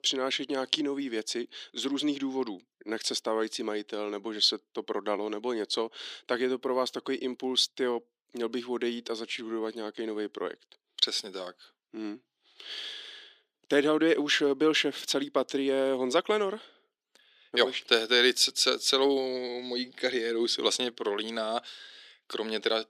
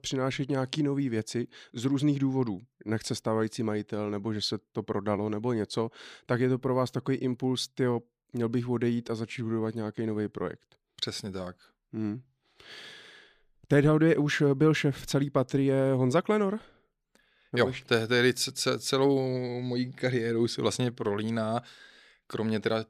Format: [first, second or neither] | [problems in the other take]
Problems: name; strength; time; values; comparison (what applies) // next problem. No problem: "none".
second | thin; very slightly; fading below 300 Hz